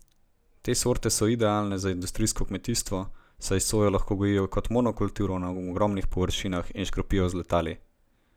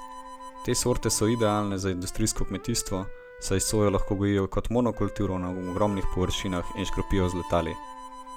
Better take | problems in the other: first | background sound (Harmonica + Wind instrument, woodwind instrument); 15 dB below the speech

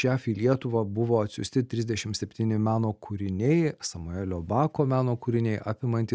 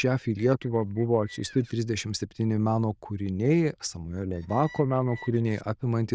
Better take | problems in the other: first | noise reduction (neural diffusion model UNIVERSE++)

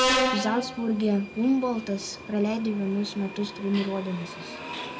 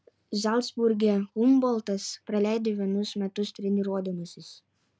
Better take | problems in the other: second | background sound (Subway, metro, underground); 4 dB below the speech // room echo; dies away in 0.3 s

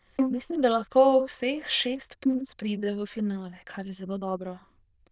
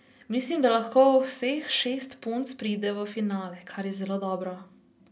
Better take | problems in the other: second | noise reduction (neural diffusion model UNIVERSE++)

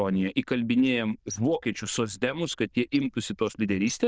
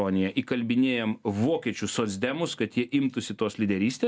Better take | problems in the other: second | noise reduction (neural diffusion model UNIVERSE++)

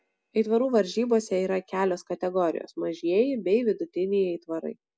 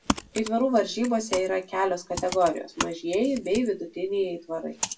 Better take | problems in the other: first | background sound (Computer keyboard); 10 dB below the speech // room echo; dies away in 0.2 s

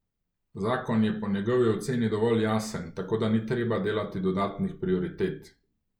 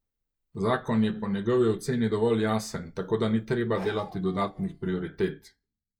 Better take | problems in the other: first | noise reduction (neural mask model DeepFilterNet 3)

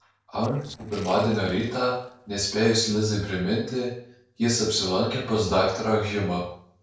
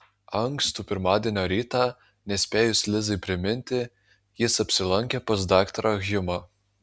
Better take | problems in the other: second | noise reduction (neural separator model SepFormer DNS4)

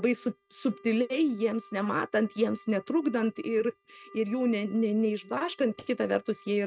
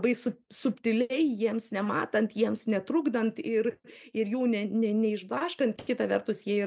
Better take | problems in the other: second | noise reduction (neural mask model RNNoise)

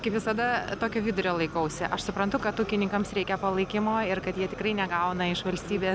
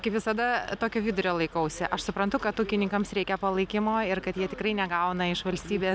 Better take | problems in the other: second | background sound (Fire); 12 dB below the speech

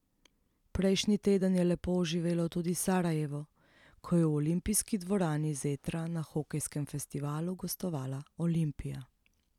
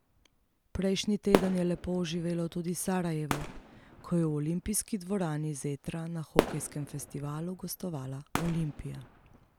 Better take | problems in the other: first | background sound (Fireworks); 5 dB below the speech

